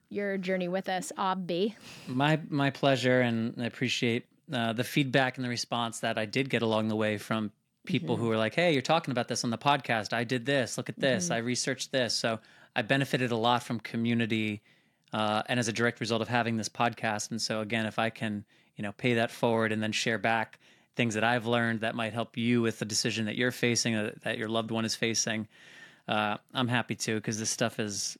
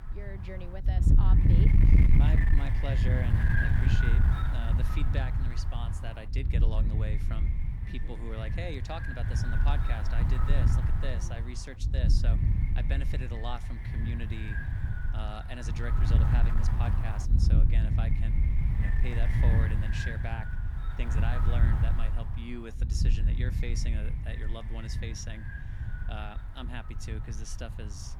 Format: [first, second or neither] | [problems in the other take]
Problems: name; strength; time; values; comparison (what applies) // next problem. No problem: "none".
first | wind noise on the microphone; heavy; 2 dB above the speech